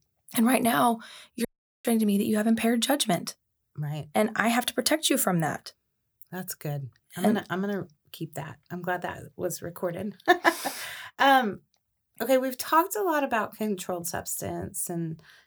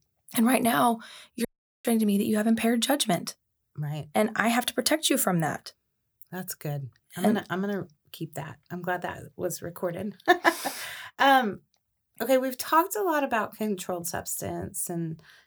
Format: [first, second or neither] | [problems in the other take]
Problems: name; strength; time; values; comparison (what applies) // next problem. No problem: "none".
neither | audio cutting out; at 1.5 s; the same in both